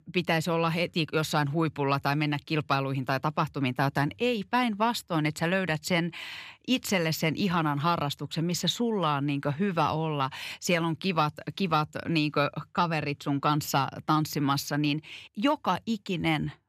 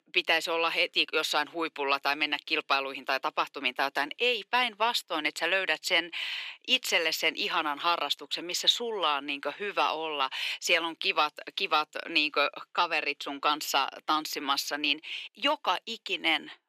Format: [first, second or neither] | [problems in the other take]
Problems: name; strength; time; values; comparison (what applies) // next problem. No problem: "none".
first | thin; very; fading below 350 Hz